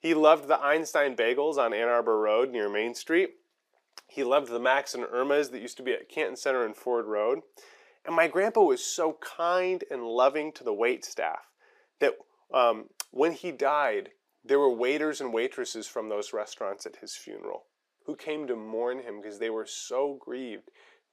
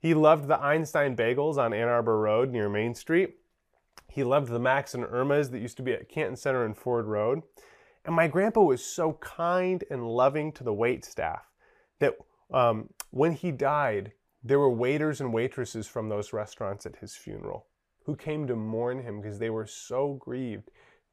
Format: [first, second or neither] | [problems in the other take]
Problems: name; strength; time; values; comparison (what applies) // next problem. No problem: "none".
second | thin; somewhat; fading below 300 Hz